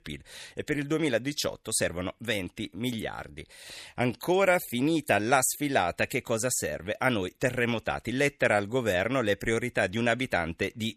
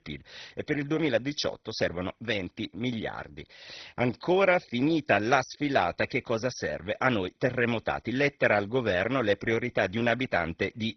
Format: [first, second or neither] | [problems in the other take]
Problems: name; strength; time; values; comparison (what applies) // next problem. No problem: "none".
first | garbled, watery; badly; nothing above 6 kHz